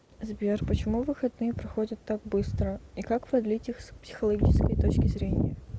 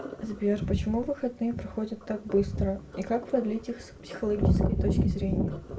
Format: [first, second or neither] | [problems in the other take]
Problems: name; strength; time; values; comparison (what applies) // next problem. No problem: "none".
first | background sound (Sink (filling or washing)); 18 dB below the speech // room echo; dies away in 0.2 s